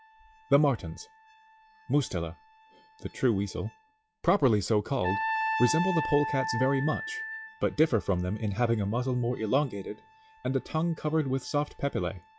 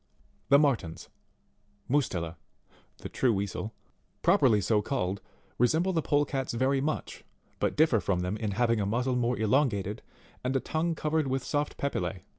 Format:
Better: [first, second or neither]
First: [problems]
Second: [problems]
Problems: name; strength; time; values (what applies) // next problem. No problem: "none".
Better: second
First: noise reduction (classical method log-MMSE)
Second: none